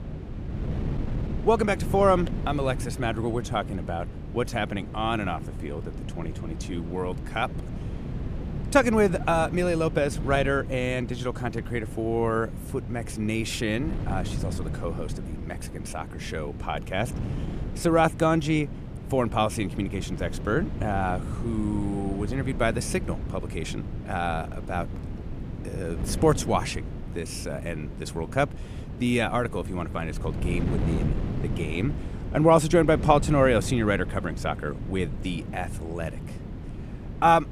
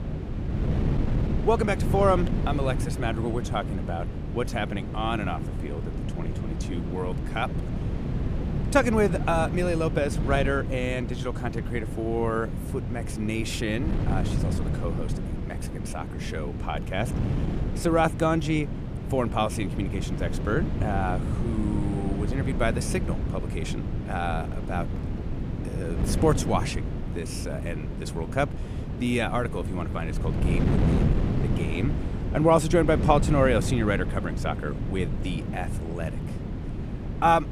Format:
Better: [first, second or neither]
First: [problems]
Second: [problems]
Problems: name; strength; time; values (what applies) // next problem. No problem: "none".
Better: first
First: wind noise on the microphone; occasional gusts; 15 dB below the speech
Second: wind noise on the microphone; heavy; 10 dB below the speech